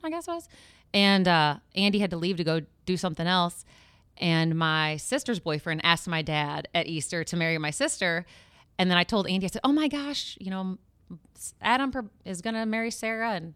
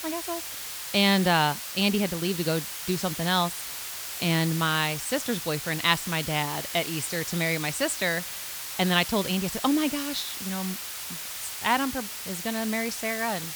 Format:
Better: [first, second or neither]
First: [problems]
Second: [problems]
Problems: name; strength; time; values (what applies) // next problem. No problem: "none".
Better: first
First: none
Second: hiss; loud; throughout; 6 dB below the speech